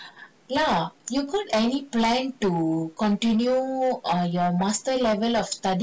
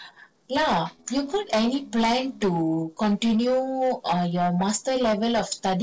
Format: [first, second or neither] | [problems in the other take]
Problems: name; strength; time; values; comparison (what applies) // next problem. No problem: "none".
first | noise reduction (neural separator model SepFormer DNS4)